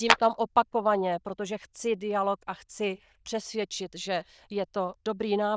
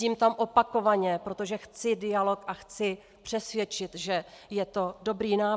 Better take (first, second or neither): second